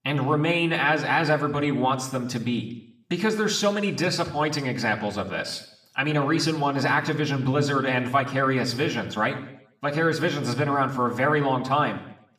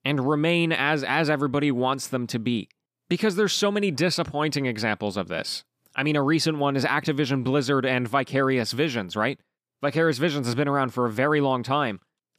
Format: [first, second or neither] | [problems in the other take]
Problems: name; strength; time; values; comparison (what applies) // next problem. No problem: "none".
second | room echo; slight; dies away in 0.6 s // off-mic speech; somewhat distant